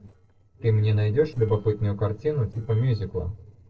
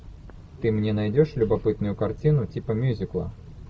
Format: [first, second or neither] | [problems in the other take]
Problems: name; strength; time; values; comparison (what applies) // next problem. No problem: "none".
second | noise reduction (neural separator model SepFormer DNS4)